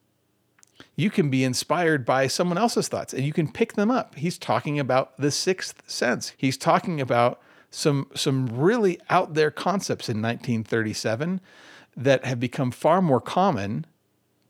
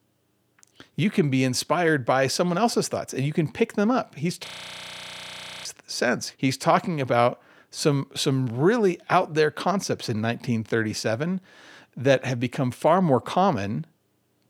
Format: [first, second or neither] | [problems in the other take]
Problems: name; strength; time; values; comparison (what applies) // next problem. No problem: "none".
first | audio freezing; at 4.5 s for 1 s